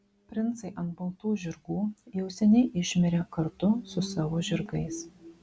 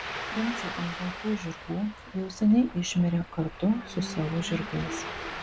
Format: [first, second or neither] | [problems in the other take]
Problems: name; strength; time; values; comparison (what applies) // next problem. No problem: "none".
first | background sound (Ocean); 10 dB below the speech